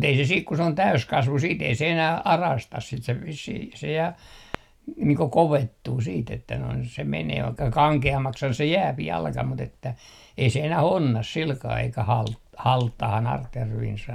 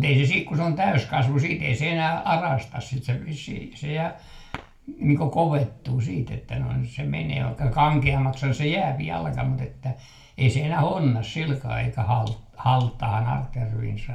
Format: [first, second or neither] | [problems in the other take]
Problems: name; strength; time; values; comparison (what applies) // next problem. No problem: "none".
first | room echo; dies away in 0.3 s